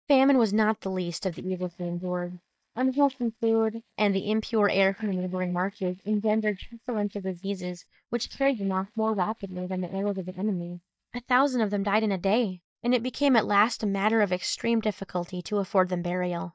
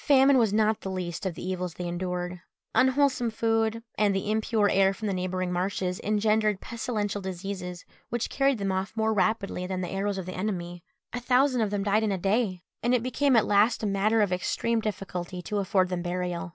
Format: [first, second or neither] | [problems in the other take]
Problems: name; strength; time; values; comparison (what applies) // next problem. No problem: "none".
second | noise reduction (neural mask model DeepFilterNet 3)